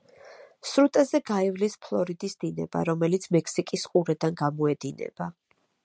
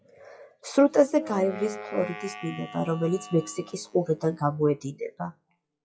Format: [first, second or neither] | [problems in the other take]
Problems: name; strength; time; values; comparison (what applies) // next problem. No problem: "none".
first | noise reduction (classical method WPE with log-MMSE)